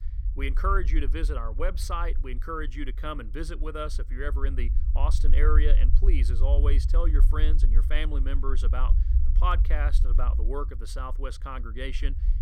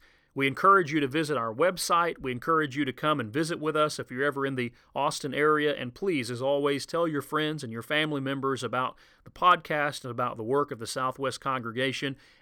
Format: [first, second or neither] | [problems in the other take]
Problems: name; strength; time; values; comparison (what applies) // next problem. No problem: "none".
second | low rumble; noticeable; throughout; 15 dB below the speech